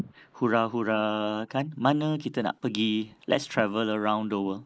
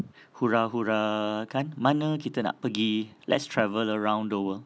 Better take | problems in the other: second | noise reduction (neural mask model Resemble Enhance denoiser)

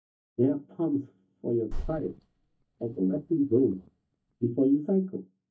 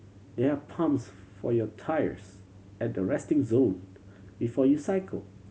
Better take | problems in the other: second | noise reduction (neural mask model DeepFilterNet 3)

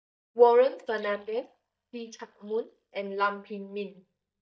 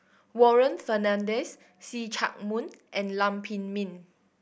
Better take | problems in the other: second | noise reduction (neural mask model DeepFilterNet 3)

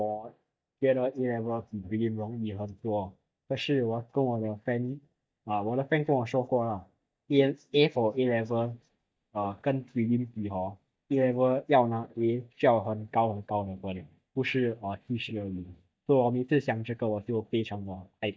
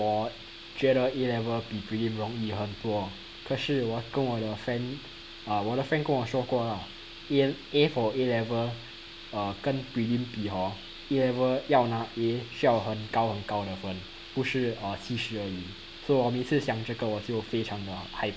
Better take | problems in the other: second | noise reduction (neural mask model DeepFilterNet 3)

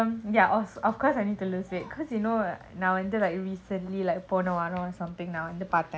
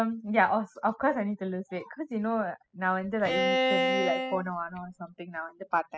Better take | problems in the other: first | noise reduction (classical method spectral subtraction)

